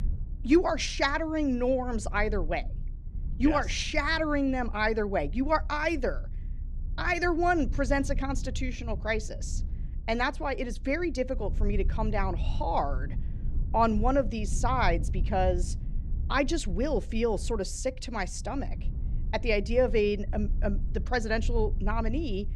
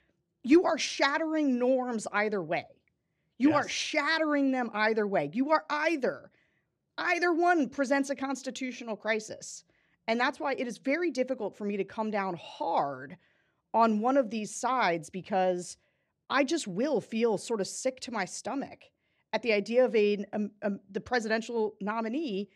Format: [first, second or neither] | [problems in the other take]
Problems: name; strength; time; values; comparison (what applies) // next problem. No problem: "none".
second | low rumble; faint; throughout; 25 dB below the speech